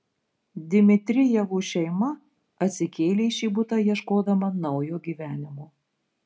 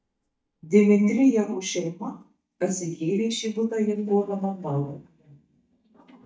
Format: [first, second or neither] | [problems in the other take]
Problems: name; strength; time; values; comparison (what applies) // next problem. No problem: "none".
first | noise reduction (neural mask model DeepFilterNet 3)